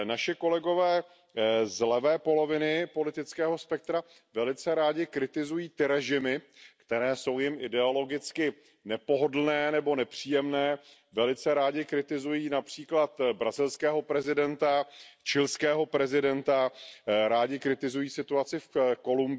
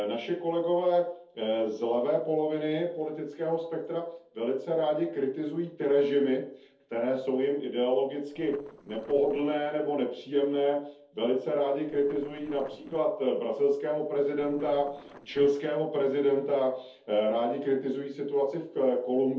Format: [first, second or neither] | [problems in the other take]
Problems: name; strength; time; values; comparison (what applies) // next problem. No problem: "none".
first | noise reduction (neural separator model SepFormer DNS4)